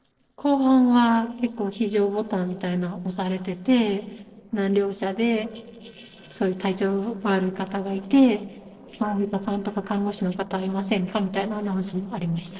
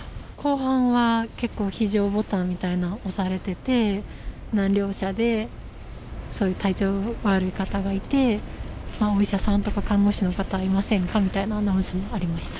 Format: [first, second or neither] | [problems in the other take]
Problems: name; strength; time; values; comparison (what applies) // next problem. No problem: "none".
second | noise reduction (neural separator model SepFormer DNS4)